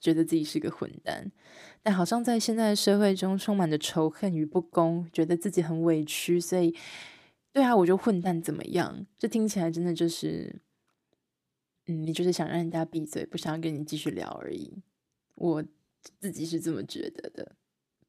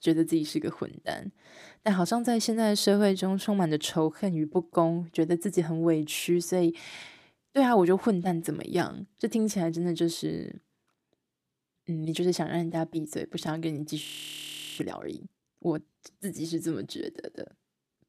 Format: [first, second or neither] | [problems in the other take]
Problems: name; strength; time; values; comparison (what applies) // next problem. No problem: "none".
first | audio freezing; at 14 s for 0.5 s